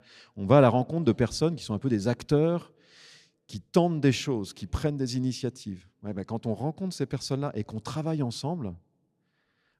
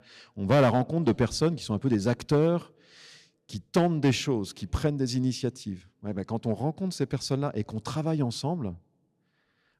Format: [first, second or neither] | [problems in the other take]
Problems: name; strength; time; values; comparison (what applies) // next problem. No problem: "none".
first | distortion; slight; 2% of the sound clipped